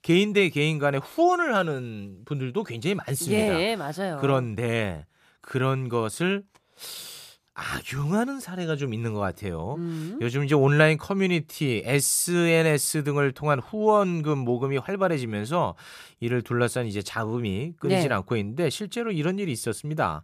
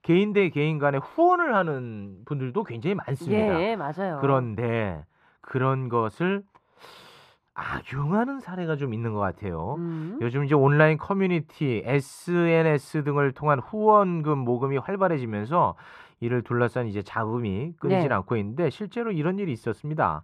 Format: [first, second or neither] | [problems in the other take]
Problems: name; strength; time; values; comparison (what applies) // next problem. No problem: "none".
first | muffled; very; fading above 4 kHz